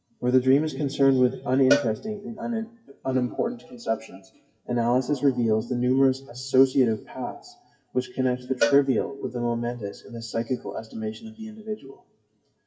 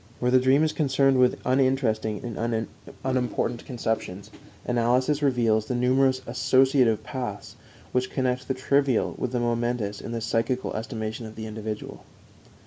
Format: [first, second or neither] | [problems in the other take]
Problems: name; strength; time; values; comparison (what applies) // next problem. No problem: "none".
second | noise reduction (classical method WPE with log-MMSE)